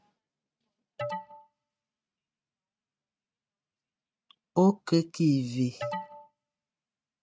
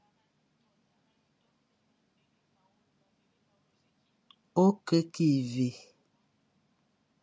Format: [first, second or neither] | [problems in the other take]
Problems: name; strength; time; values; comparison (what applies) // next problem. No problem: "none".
second | noise reduction (neural mask model RNNoise)